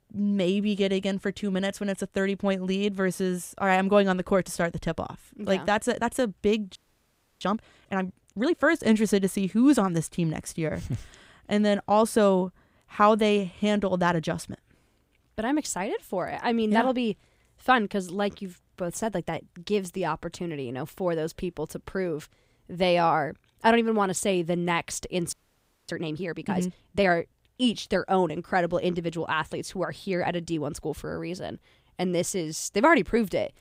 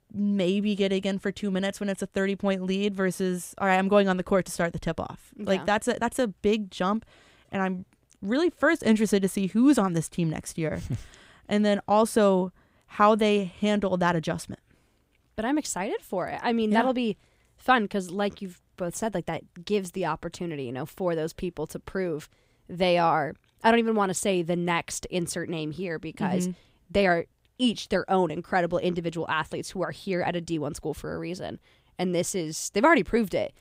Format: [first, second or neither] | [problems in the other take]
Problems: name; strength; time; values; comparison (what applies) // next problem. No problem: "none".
second | audio freezing; at 7 s for 0.5 s and at 25 s for 0.5 s